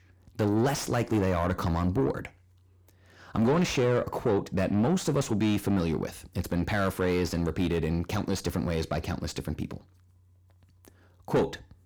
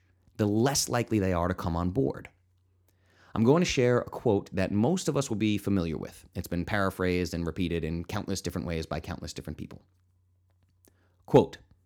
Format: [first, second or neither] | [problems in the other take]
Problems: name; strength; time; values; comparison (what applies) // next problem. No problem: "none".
second | distortion; heavy; 7 dB below the speech